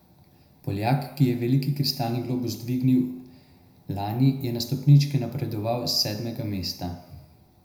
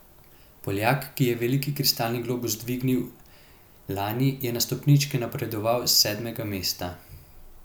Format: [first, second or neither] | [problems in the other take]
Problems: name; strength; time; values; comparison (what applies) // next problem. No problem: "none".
second | room echo; dies away in 0.7 s